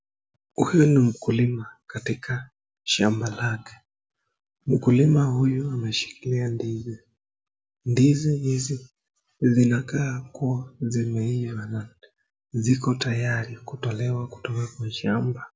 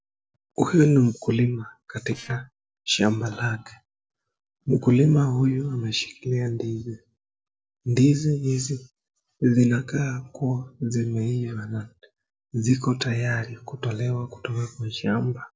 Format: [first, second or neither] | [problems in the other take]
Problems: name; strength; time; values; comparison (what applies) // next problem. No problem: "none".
first | noise reduction (neural separator model SepFormer DNS4)